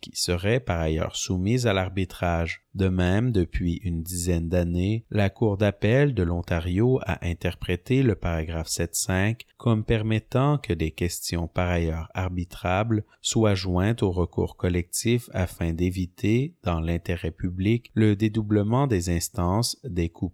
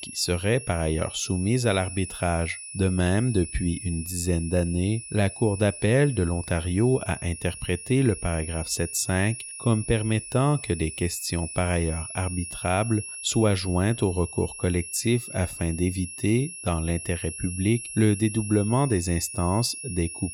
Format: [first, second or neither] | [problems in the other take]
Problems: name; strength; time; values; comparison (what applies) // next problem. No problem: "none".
first | high-pitched whine; loud; throughout; 10 kHz, 10 dB below the speech